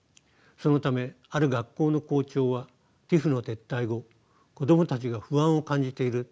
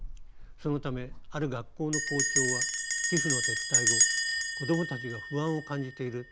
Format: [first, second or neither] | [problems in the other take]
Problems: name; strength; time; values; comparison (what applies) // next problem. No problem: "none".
first | background sound (Bell); 3 dB above the speech